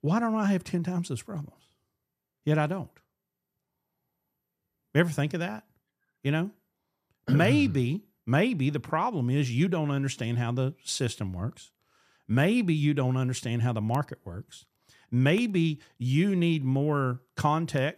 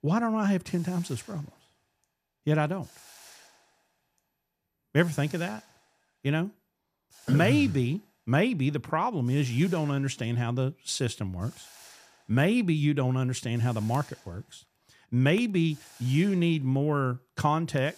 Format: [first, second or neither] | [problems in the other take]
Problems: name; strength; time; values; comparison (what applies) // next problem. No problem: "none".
first | hiss; faint; throughout; 25 dB below the speech